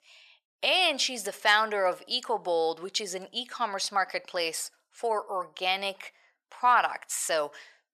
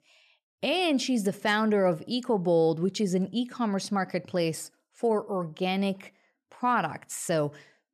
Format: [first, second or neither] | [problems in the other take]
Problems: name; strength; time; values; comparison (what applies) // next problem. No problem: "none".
second | thin; very; fading below 850 Hz